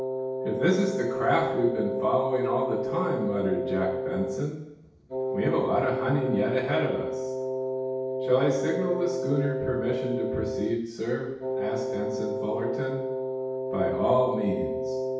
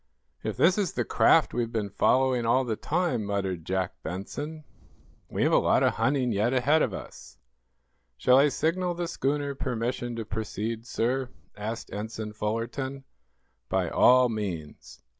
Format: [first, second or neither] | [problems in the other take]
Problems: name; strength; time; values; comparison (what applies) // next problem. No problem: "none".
second | background sound (Wind instrument, woodwind instrument); 2 dB below the speech // room echo; dies away in 0.9 s